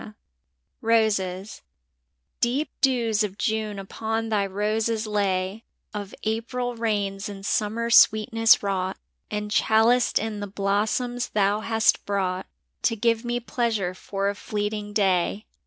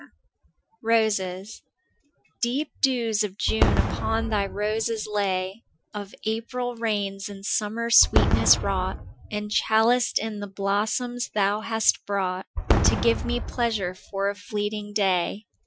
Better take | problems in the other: first | noise reduction (classical method Wiener filter)

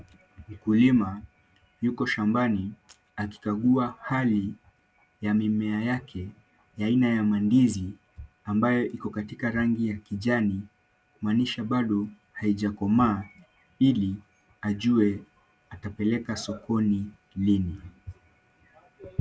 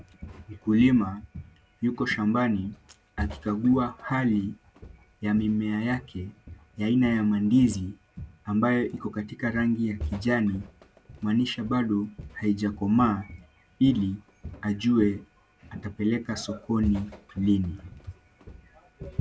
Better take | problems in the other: first | background sound (Walk, footsteps); 17 dB below the speech

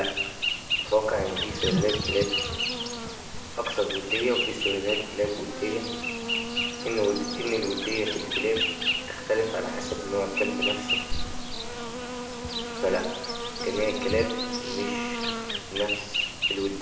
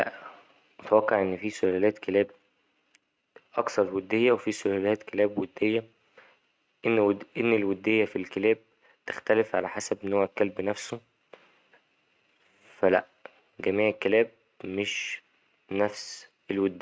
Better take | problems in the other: second | background sound (Insect); as loud as the speech // room echo; dies away in 0.9 s

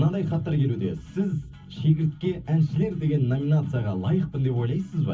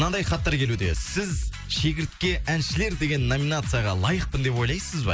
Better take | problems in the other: second | room echo; dies away in 0.3 s

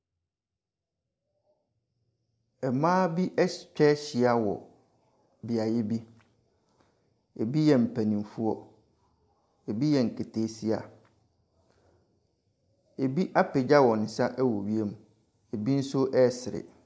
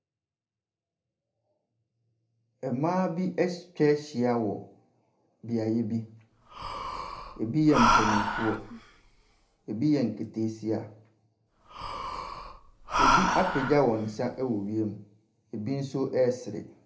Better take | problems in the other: first | background sound (Breathing); as loud as the speech // room echo; dies away in 0.3 s

